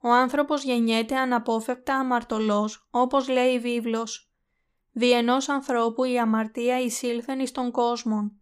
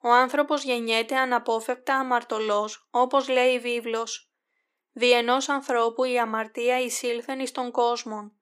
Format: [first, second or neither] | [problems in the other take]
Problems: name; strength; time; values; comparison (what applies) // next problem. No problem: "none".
first | thin; somewhat; fading below 300 Hz